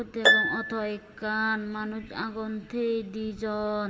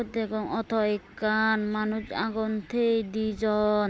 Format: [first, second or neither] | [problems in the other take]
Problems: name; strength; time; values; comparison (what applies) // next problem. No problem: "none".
second | background sound (Harp); as loud as the speech // room echo; dies away in 1.1 s